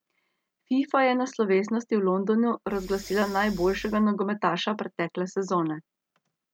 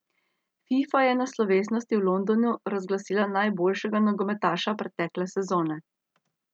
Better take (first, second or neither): second